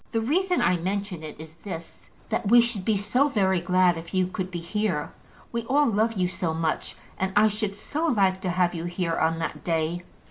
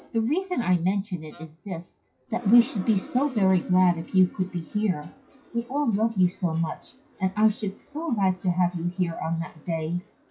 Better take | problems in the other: first | noise reduction (classical method WPE with log-MMSE)

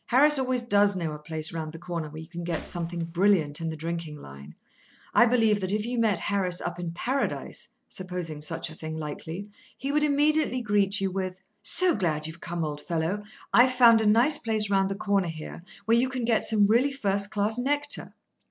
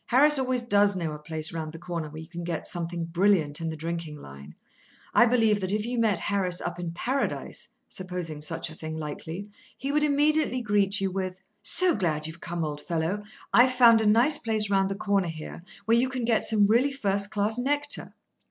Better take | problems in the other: second | background sound (Gunshot, gunfire); 20 dB below the speech

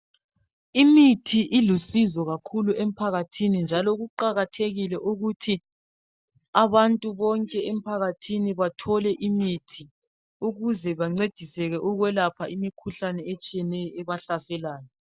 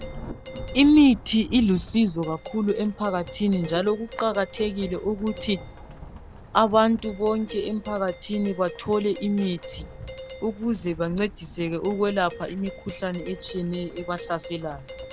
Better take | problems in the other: first | background sound (Rain / Thunderstorm + Doorbell); 15 dB below the speech

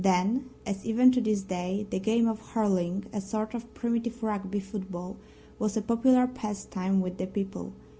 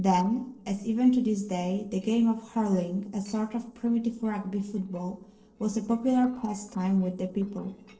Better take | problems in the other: first | noise reduction (neural separator model SepFormer DNS4)

